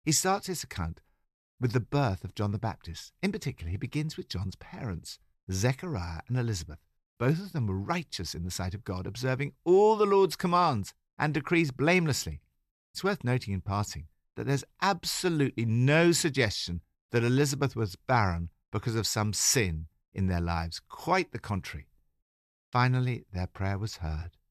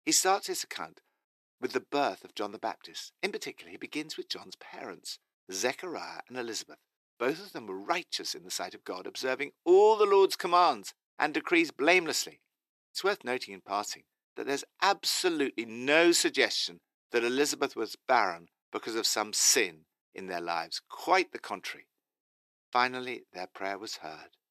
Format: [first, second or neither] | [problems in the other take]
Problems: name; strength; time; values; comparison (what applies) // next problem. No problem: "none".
first | thin; very; fading below 300 Hz